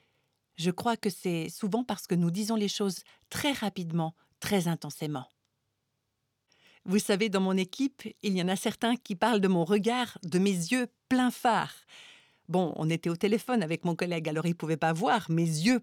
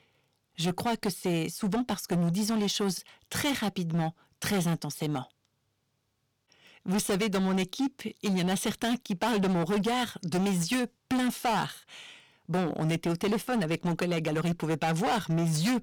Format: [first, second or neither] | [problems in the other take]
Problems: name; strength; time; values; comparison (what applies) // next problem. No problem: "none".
first | distortion; heavy; 18% of the sound clipped